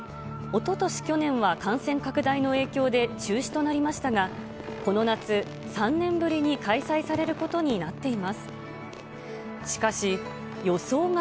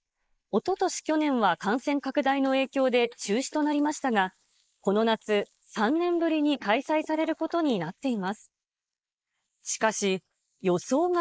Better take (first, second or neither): first